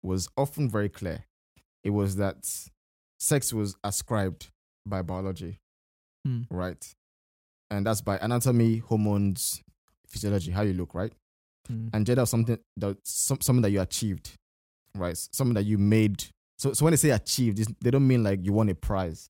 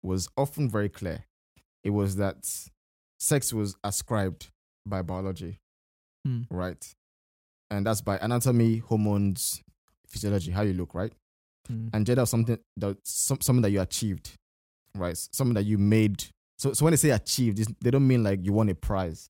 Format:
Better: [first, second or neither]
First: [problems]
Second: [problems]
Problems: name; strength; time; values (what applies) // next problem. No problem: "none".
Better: neither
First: none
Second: none